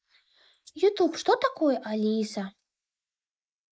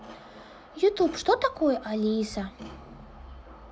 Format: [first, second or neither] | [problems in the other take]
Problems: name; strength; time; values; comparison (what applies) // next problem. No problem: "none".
second | noise reduction (neural mask model Resemble Enhance denoiser)